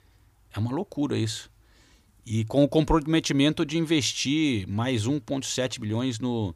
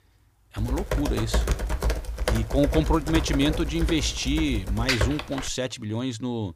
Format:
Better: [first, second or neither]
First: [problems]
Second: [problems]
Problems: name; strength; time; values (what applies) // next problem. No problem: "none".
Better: first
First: none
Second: keyboard typing; loud; from 0.5 to 5.5 s; peak 2 dB above the speech